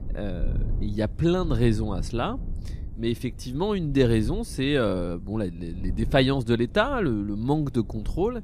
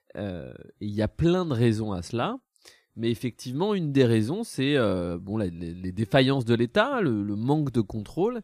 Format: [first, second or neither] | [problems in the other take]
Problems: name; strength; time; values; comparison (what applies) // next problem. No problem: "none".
second | low rumble; faint; throughout; 20 dB below the speech